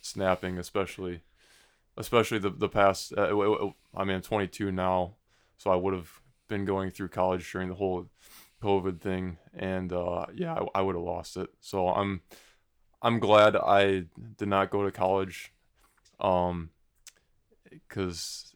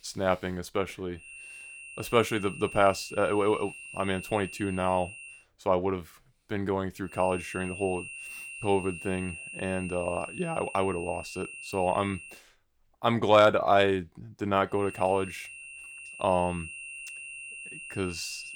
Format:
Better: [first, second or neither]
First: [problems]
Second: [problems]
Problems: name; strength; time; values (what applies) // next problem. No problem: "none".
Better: first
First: none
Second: high-pitched whine; noticeable; from 1 to 5.5 s, from 7 to 12 s and from 15 s on; 2.5 kHz, 10 dB below the speech